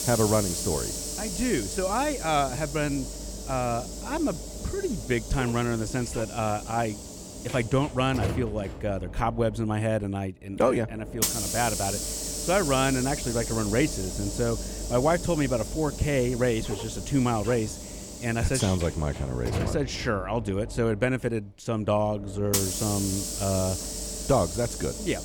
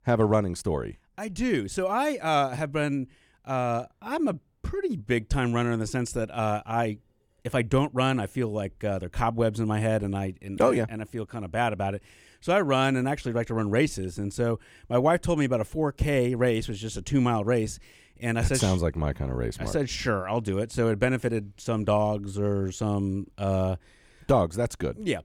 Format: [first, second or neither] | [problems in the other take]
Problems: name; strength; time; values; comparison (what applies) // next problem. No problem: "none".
second | hiss; loud; throughout; 5 dB below the speech